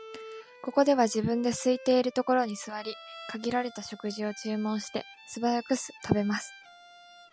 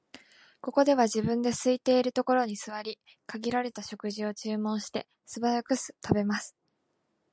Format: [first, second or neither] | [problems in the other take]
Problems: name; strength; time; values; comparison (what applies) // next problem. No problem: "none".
second | background sound (Bowed string instrument); 19 dB below the speech